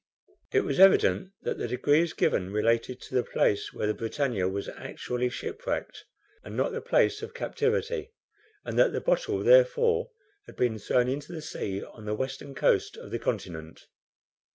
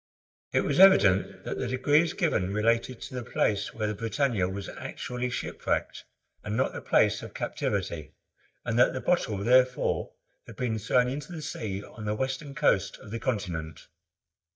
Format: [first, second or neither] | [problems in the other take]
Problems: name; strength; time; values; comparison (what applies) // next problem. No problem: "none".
first | noise reduction (neural mask model DeepFilterNet 3)